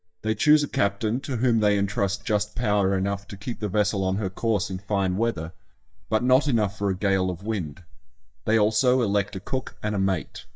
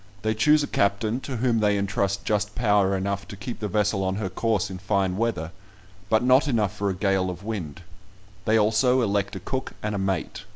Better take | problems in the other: second | noise reduction (neural mask model DeepFilterNet 3)

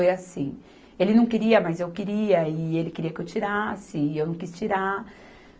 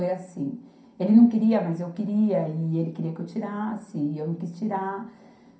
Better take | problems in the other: first | room echo; dies away in 0.5 s

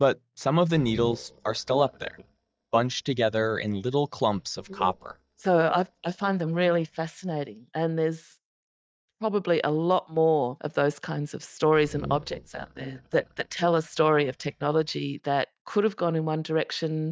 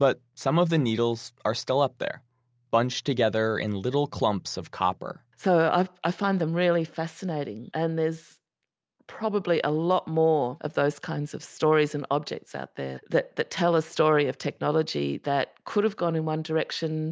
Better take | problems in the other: second | noise reduction (neural mask model DeepFilterNet 3)

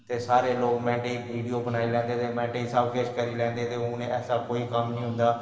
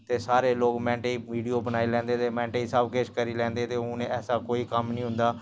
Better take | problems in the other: second | room echo; dies away in 2.3 s

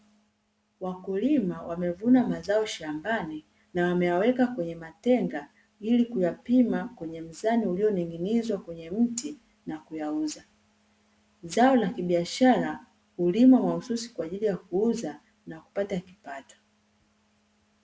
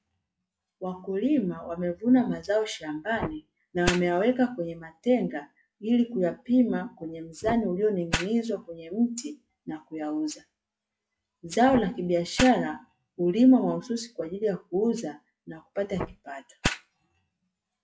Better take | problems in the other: first | noise reduction (classical method log-MMSE)

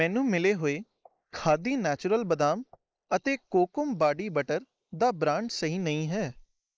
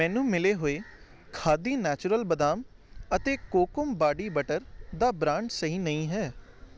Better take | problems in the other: second | noise reduction (neural mask model Resemble Enhance denoiser)

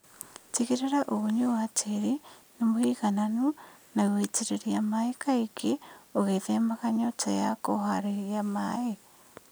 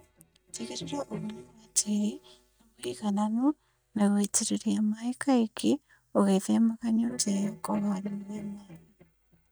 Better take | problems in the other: first | noise reduction (neural mask model DeepFilterNet 3)

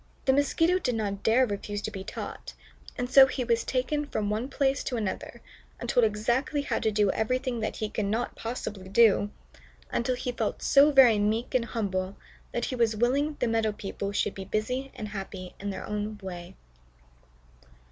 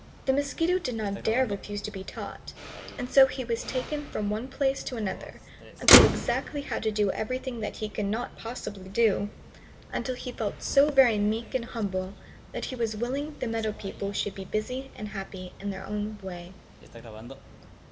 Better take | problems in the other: first | background sound (Motor vehicle (road)); 4 dB below the speech // room echo; dies away in 0.7 s

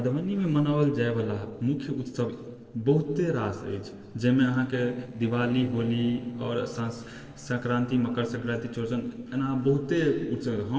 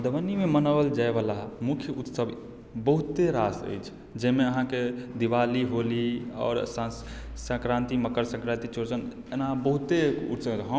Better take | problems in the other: second | noise reduction (neural separator model SepFormer DNS4)

